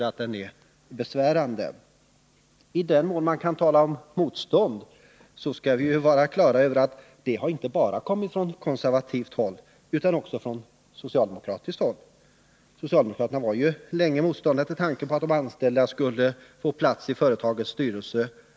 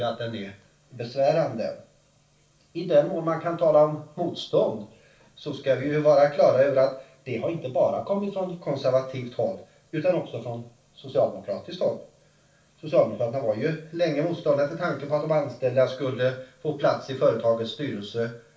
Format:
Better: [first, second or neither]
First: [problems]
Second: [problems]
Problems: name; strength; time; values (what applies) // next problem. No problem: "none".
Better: first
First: none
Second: room echo; dies away in 0.3 s